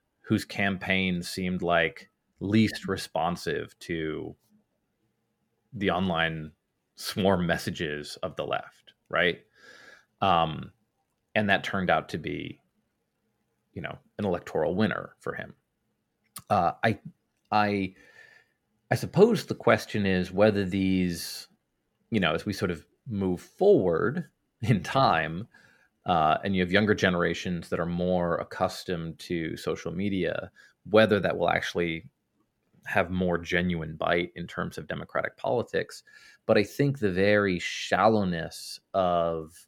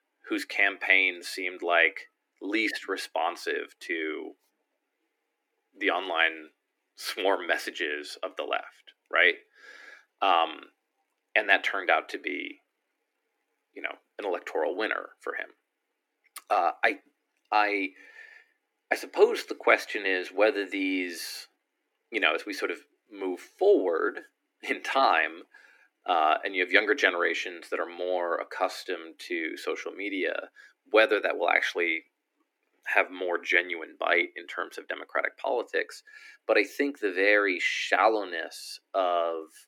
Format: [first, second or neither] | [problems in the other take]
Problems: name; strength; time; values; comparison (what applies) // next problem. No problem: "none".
first | thin; somewhat; fading below 300 Hz